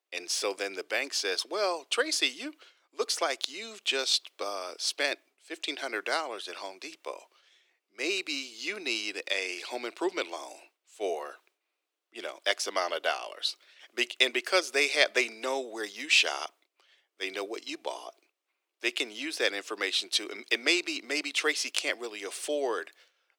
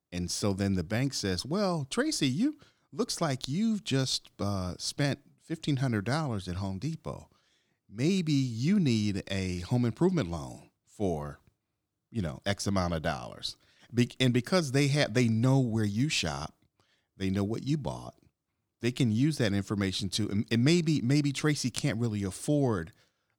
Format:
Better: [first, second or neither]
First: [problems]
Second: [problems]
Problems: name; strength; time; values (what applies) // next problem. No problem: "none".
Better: second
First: thin; very; fading below 400 Hz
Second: none